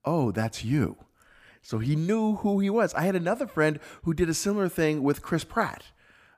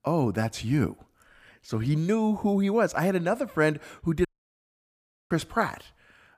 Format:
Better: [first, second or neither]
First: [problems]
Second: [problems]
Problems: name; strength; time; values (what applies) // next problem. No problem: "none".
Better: first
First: none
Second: audio cutting out; at 4.5 s for 1 s